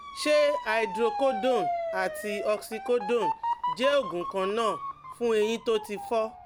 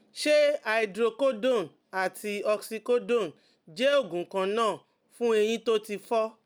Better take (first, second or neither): second